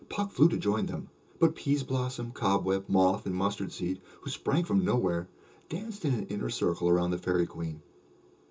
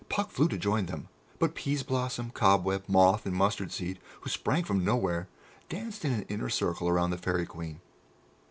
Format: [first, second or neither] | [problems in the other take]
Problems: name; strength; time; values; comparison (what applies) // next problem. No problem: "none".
second | room echo; dies away in 0.2 s